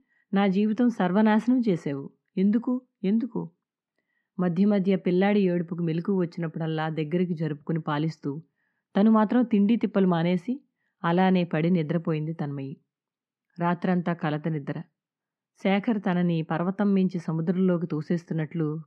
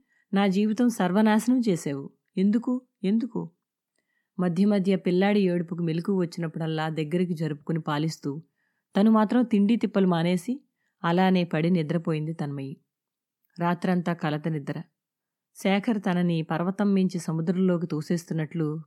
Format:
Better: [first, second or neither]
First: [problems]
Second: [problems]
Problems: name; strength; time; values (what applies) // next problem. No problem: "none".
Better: second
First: muffled; slightly; fading above 3 kHz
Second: none